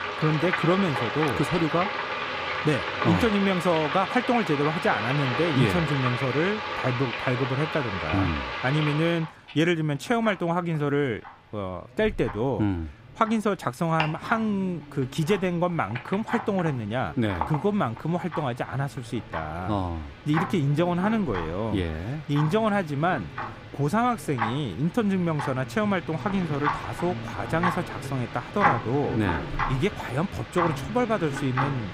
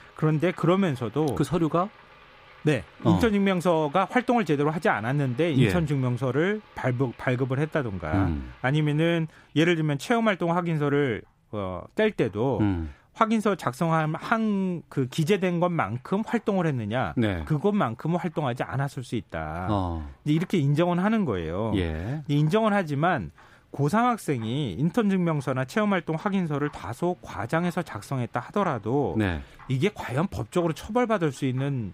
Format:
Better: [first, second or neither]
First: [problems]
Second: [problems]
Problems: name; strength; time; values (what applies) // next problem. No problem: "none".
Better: second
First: household noises; loud; throughout; 5 dB below the speech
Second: household noises; faint; throughout; 25 dB below the speech